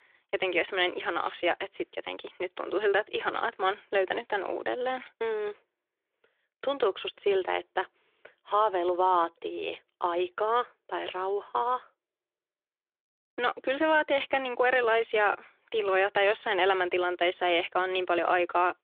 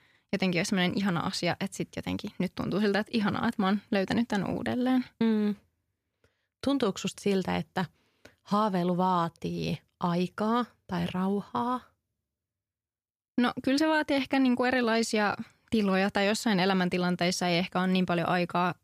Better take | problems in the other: second | phone-call audio; nothing above 3.5 kHz

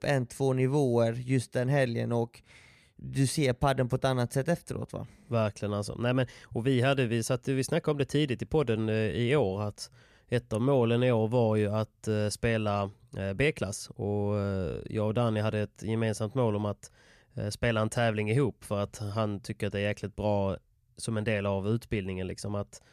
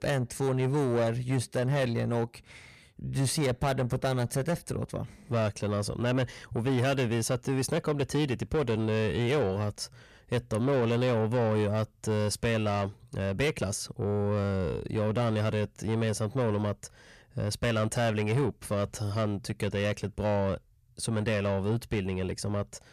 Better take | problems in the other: first | distortion; slight; 10 dB below the speech

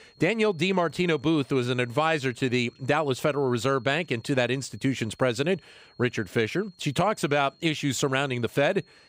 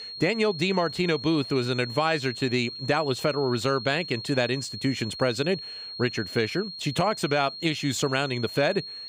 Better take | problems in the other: first | high-pitched whine; loud; throughout; 4.5 kHz, 9 dB below the speech; faint in the first

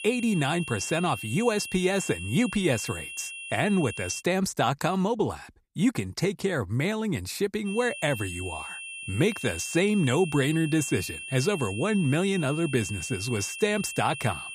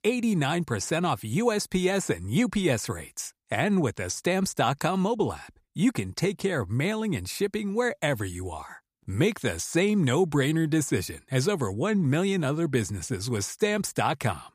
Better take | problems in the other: second | high-pitched whine; loud; until 4 s and from 7.5 s on; 2.5 kHz, 9 dB below the speech

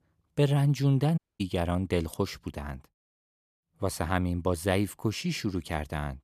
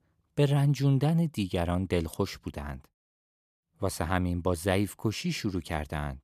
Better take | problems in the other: second | audio cutting out; at 1 s

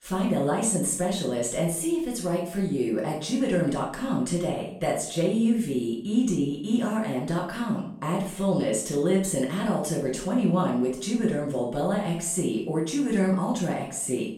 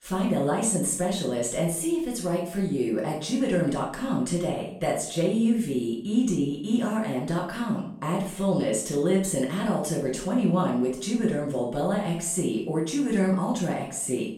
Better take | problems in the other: neither | off-mic speech; far; the same in both // room echo; noticeable; dies away in 0.5 s; the same in both

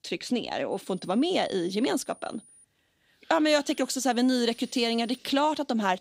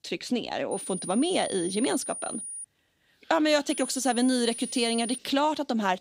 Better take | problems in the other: first | high-pitched whine; loud; from 0.5 to 2.5 s and from 3.5 to 5 s; 9.5 kHz, 9 dB below the speech; faint in the first

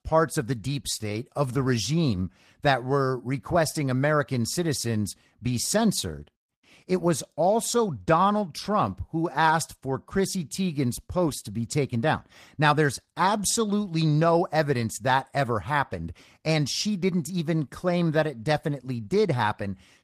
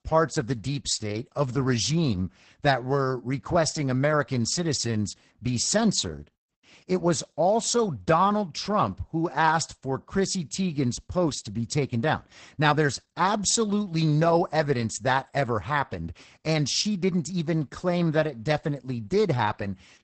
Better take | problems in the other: first | garbled, watery; badly; nothing above 8 kHz; slightly in the first

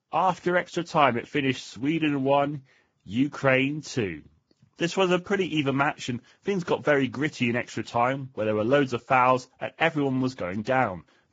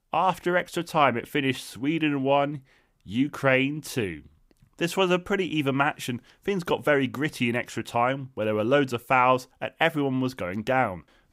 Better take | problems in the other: second | garbled, watery; badly; nothing above 7.5 kHz

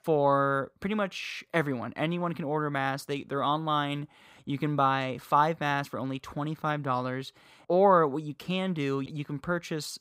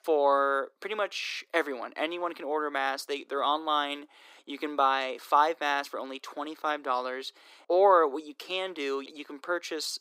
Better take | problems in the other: first | thin; somewhat; fading below 300 Hz

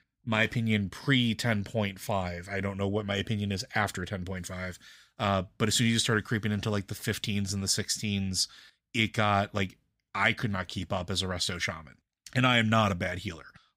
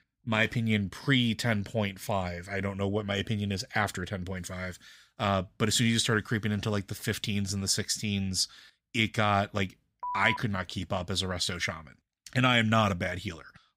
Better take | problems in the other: first | phone ringing; noticeable; at 10 s; peak 5 dB below the speech

